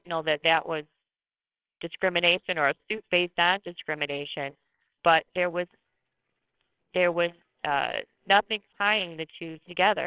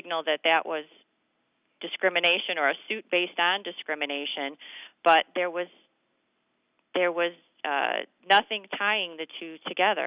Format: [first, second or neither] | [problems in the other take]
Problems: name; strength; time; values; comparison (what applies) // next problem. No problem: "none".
second | noise reduction (neural separator model SepFormer WHAMR!)